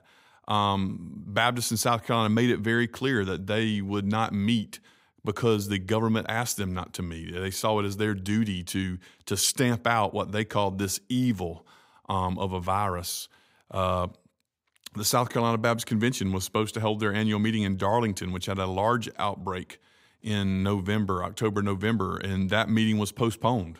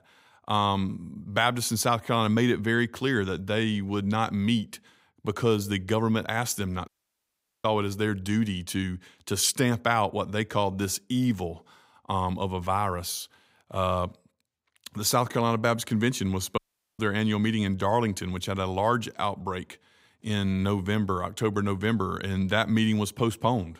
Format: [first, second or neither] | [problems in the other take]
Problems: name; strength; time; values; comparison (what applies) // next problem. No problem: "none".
first | audio cutting out; at 7 s for 1 s and at 17 s